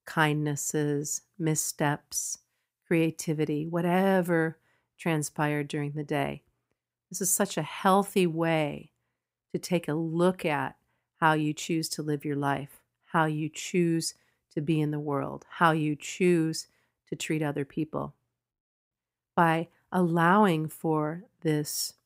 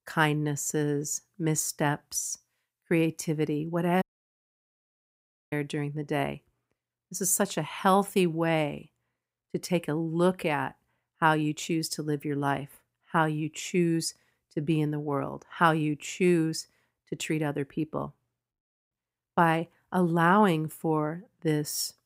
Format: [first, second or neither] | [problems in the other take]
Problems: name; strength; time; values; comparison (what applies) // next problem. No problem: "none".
first | audio cutting out; at 4 s for 1.5 s